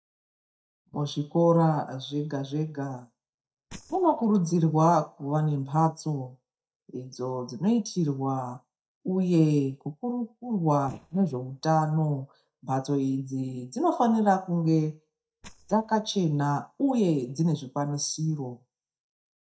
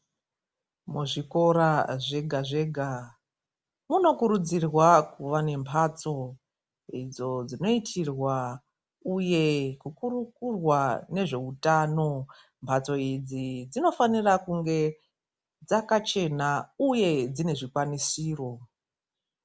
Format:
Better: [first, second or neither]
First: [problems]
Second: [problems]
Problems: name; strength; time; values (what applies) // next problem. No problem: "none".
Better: second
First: noise reduction (neural mask model DeepFilterNet 3)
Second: none